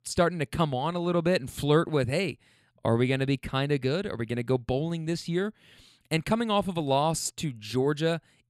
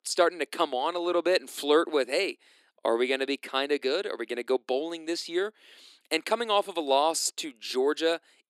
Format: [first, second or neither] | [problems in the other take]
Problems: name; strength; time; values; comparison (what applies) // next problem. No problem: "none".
first | thin; somewhat; fading below 300 Hz